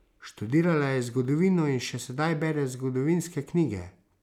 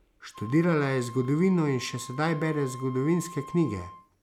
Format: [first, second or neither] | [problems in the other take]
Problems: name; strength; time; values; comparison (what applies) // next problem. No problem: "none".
first | background sound (Wind instrument, woodwind instrument); 17 dB below the speech